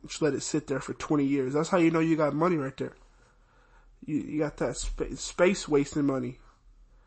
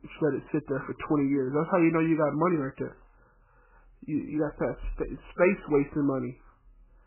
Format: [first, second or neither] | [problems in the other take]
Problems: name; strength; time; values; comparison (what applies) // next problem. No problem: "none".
first | garbled, watery; badly; nothing above 2.5 kHz; slightly in the first